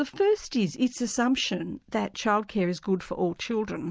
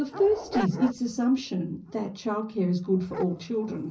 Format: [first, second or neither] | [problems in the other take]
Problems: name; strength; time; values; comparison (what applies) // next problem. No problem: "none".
first | background sound (Dog); 13 dB below the speech // room echo; dies away in 0.5 s